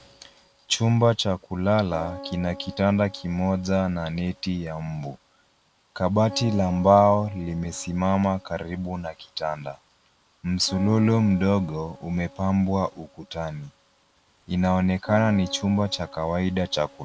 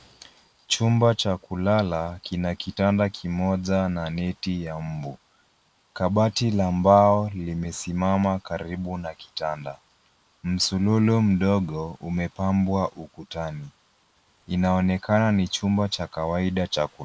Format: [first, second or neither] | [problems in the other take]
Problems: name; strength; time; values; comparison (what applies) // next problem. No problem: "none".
second | background sound (Acoustic guitar); 20 dB below the speech